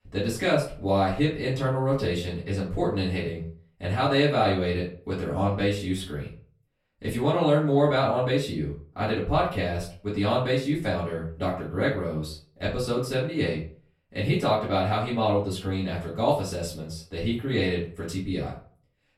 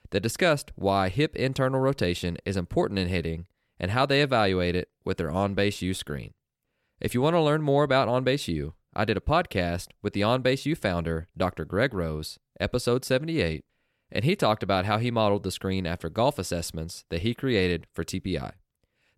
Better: second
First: off-mic speech; far // room echo; slight; dies away in 0.4 s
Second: none

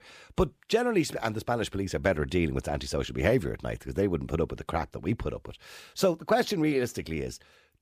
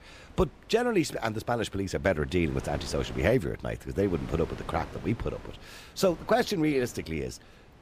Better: first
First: none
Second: wind noise on the microphone; occasional gusts; 20 dB below the speech

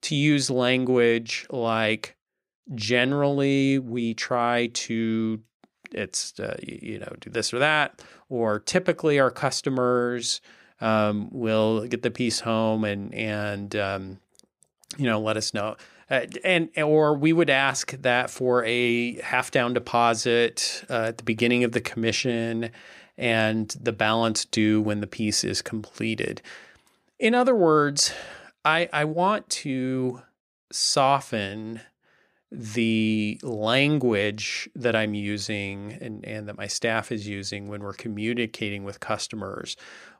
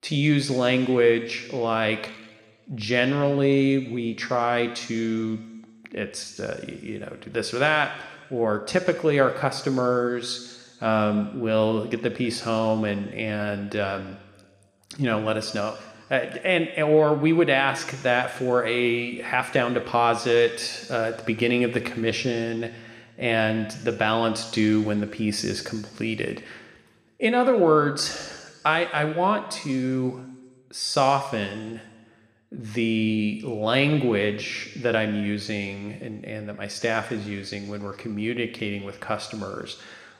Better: first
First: none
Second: room echo; slight; dies away in 1.4 s

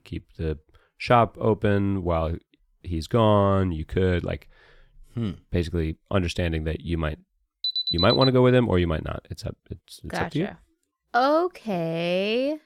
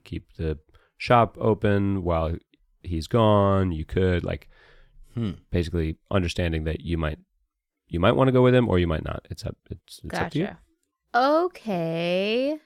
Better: second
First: alarm; loud; at 7.5 s; peak 1 dB above the speech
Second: none

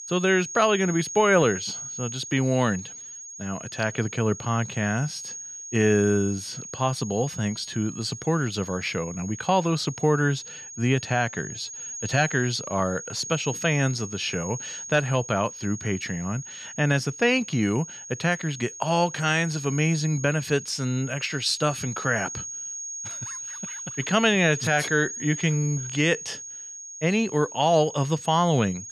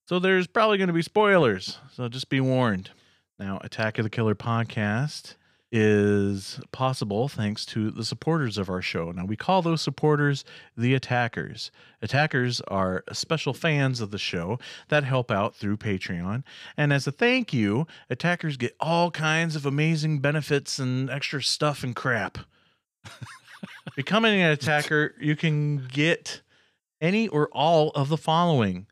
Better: second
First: high-pitched whine; loud; throughout; 6.5 kHz, 10 dB below the speech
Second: none

